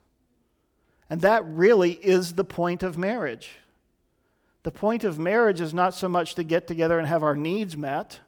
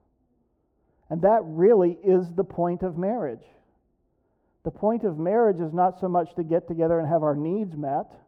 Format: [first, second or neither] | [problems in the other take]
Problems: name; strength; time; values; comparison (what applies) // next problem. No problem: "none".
first | muffled; very; fading above 1.5 kHz